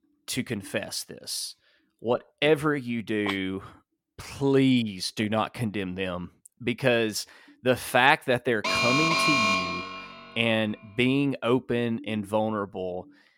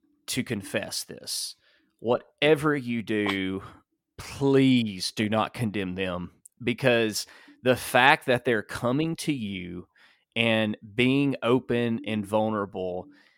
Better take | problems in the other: second | alarm; loud; from 8.5 to 10 s; peak 5 dB above the speech

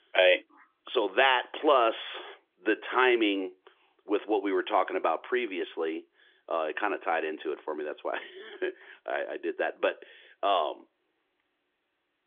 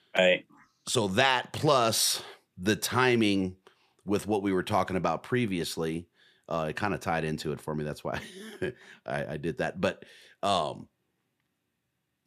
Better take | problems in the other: second | phone-call audio; nothing above 3.5 kHz

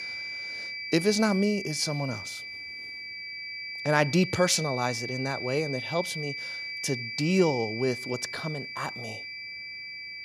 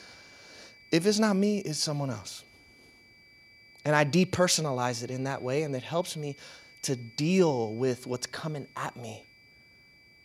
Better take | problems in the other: second | high-pitched whine; loud; throughout; 2.5 kHz, 7 dB below the speech; faint in the second

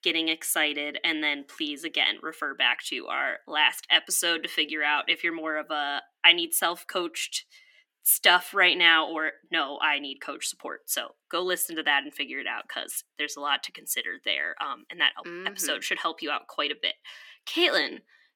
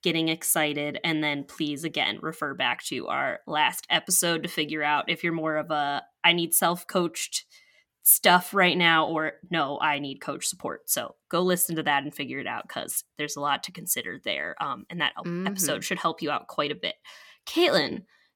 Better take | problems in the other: second | thin; somewhat; fading below 300 Hz

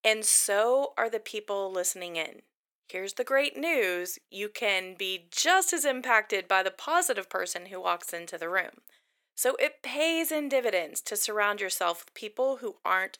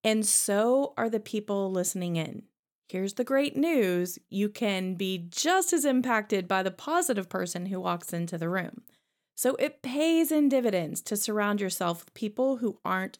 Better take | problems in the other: second | thin; very; fading below 450 Hz

